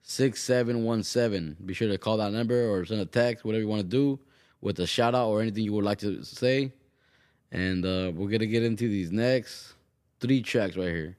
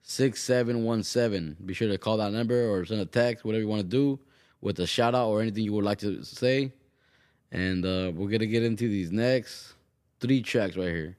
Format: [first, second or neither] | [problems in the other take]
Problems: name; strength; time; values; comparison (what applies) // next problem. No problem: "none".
neither | none